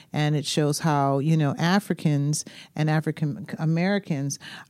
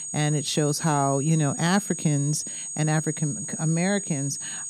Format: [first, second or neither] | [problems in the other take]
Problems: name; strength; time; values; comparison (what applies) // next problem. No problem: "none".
first | high-pitched whine; loud; throughout; 6.5 kHz, 6 dB below the speech